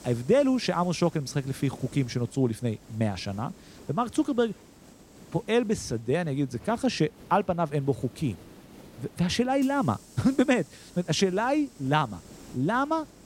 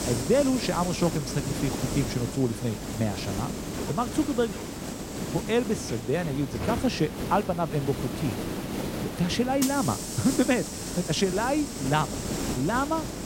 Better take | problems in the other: first | hiss; loud; throughout; 5 dB below the speech; faint in the first

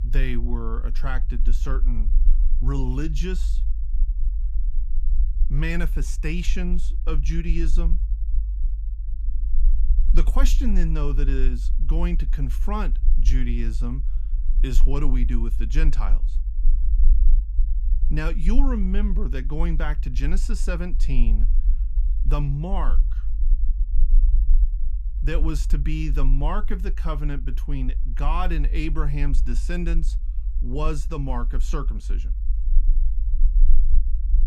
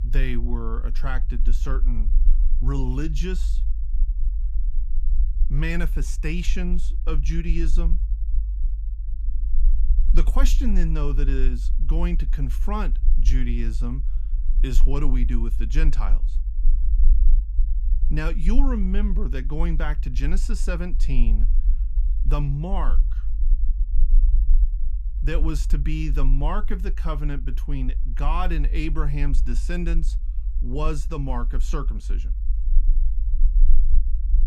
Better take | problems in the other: neither | low rumble; noticeable; throughout; 15 dB below the speech; the same in both

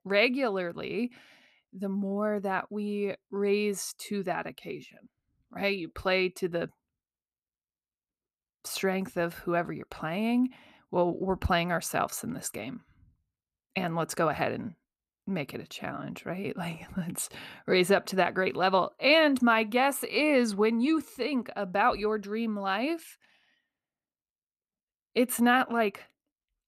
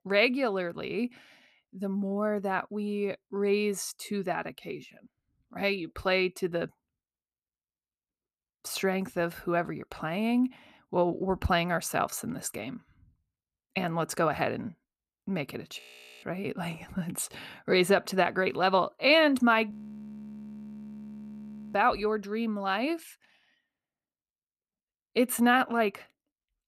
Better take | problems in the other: first | audio freezing; at 16 s and at 20 s for 2 s

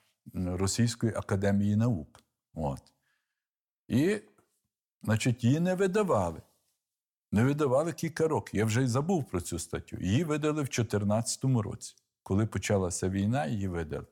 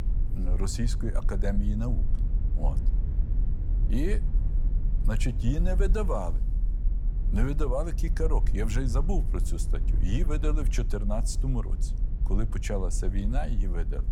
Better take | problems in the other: first | low rumble; noticeable; throughout; 10 dB below the speech

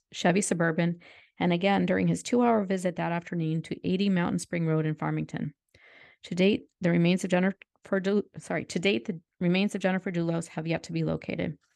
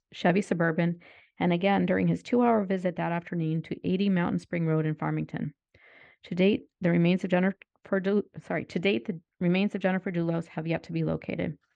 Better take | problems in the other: first | muffled; slightly; fading above 3 kHz

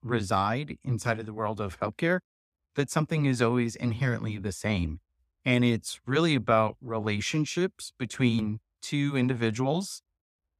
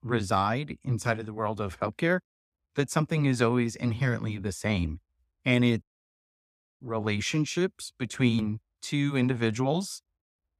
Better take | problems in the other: first | audio cutting out; at 6 s for 1 s

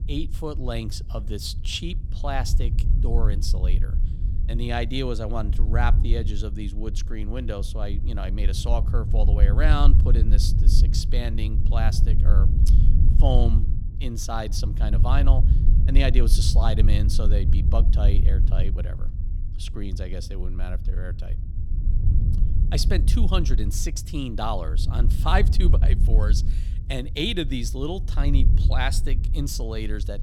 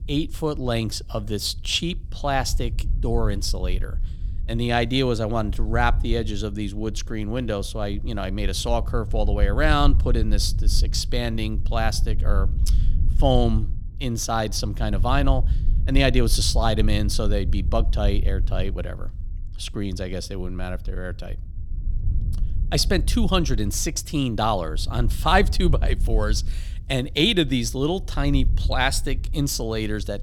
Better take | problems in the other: second | low rumble; loud; throughout; 10 dB below the speech; faint in the second

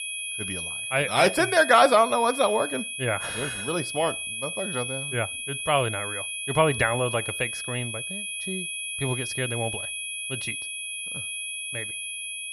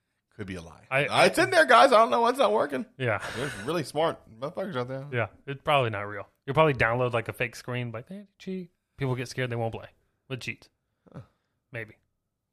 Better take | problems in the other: second | high-pitched whine; loud; throughout; 2.5 kHz, 6 dB below the speech

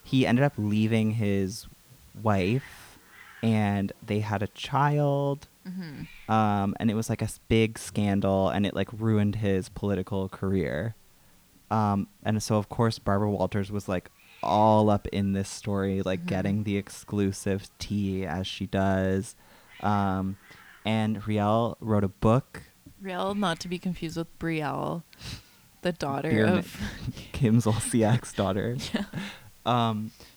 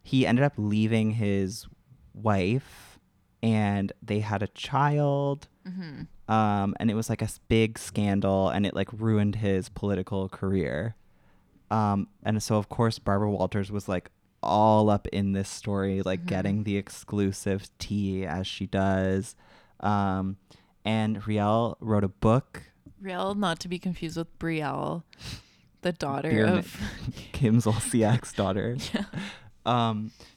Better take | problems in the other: second | hiss; faint; throughout; 30 dB below the speech

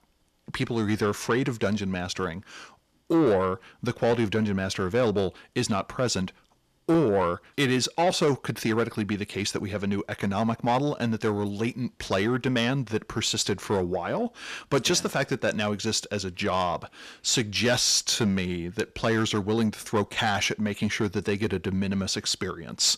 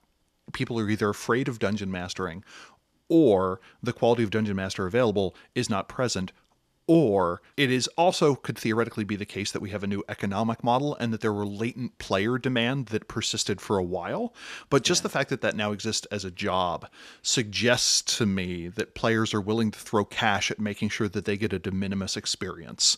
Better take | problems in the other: second | distortion; slight; 10 dB below the speech

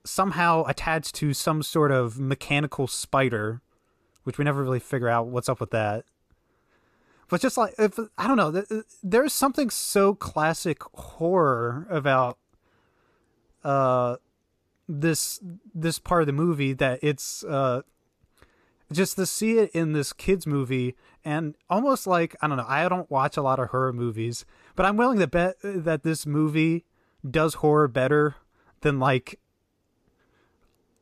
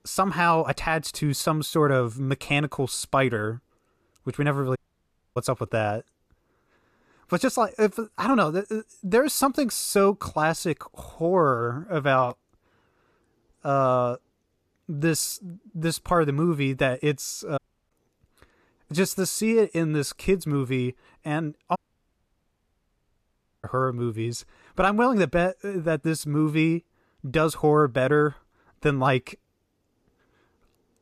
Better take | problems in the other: first | audio cutting out; at 5 s for 0.5 s, at 18 s and at 22 s for 2 s

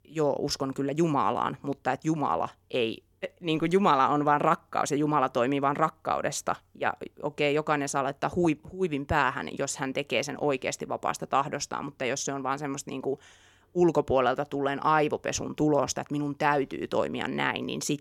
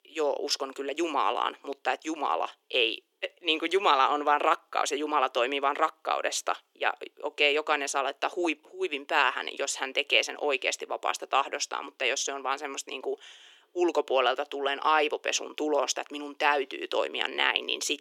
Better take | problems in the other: first | thin; somewhat; fading below 350 Hz

